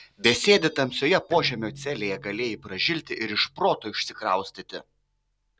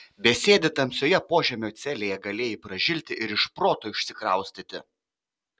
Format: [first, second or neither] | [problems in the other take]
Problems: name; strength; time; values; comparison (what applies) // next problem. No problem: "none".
second | background sound (Bowed string instrument + Bell); 18 dB below the speech